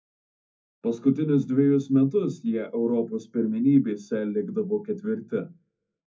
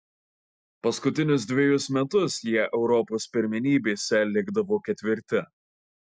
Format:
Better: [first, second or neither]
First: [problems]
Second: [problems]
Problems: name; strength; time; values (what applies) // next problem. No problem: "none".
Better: second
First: room echo; dies away in 0.3 s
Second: none